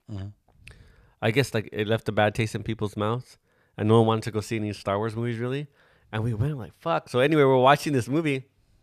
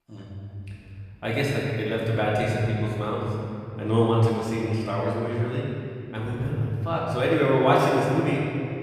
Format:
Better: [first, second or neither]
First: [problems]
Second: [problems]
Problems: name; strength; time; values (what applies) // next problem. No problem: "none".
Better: first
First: none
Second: room echo; strong; dies away in 2.8 s // off-mic speech; far